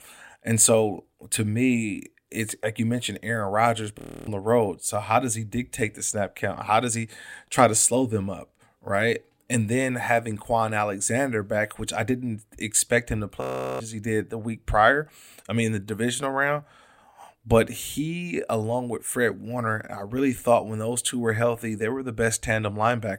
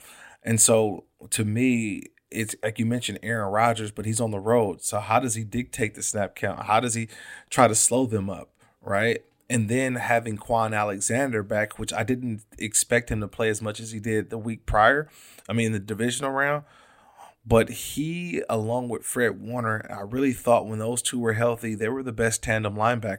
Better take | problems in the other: second | audio freezing; at 4 s and at 13 s

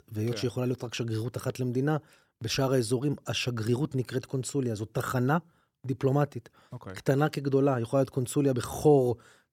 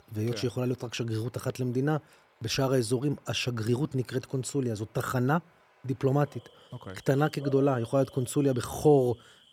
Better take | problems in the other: first | animal sounds; faint; throughout; 25 dB below the speech

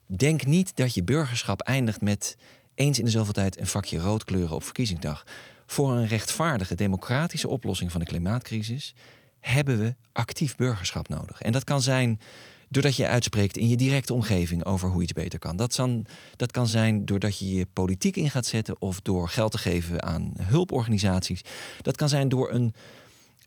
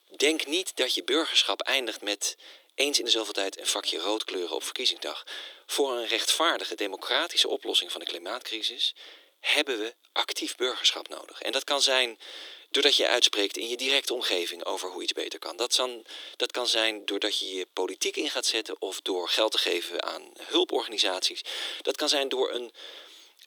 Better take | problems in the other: first | thin; very; fading below 300 Hz

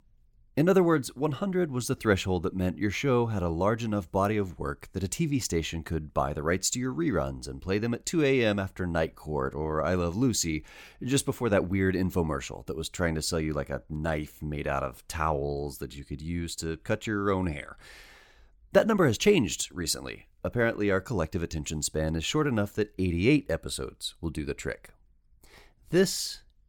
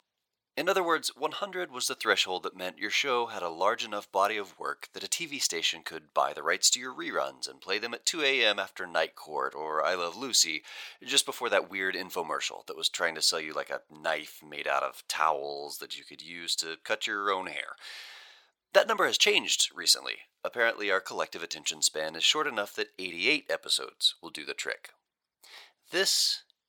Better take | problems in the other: first | thin; very; fading below 750 Hz

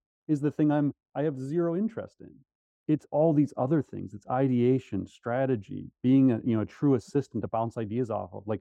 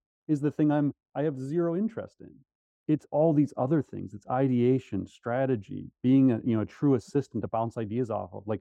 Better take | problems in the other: neither | muffled; very; fading above 1.5 kHz; the same in both

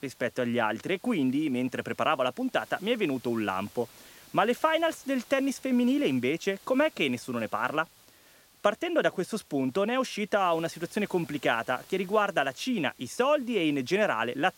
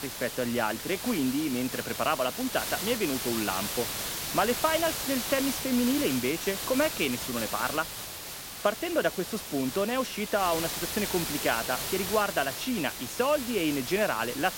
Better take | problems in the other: first | hiss; loud; throughout; 4 dB below the speech; faint in the first

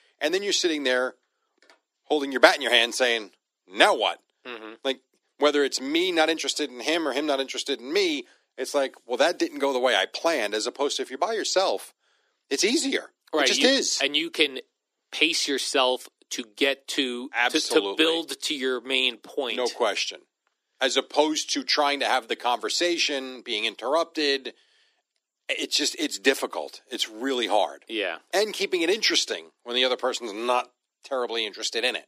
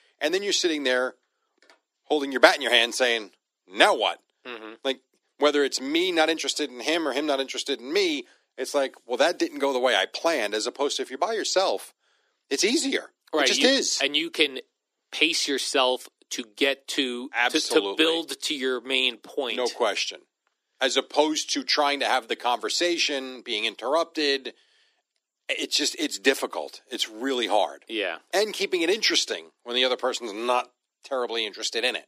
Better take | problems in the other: neither | thin; somewhat; fading below 300 Hz; the same in both

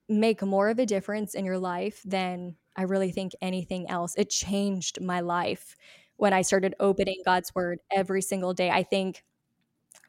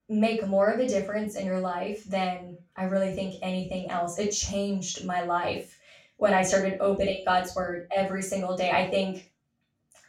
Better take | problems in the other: first | room echo; noticeable; dies away in 0.3 s // off-mic speech; far

